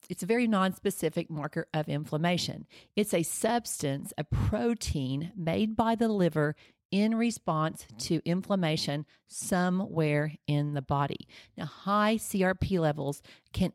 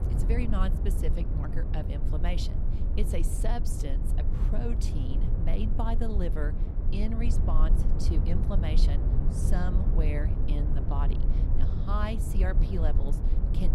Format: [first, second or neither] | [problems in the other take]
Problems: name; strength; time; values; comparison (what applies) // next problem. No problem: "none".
first | low rumble; loud; throughout; 4 dB below the speech